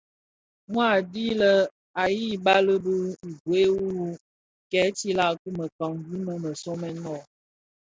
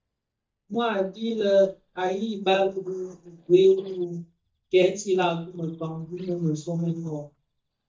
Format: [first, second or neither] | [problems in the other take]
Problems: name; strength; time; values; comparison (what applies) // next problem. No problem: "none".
first | noise reduction (neural mask model DeepFilterNet 3)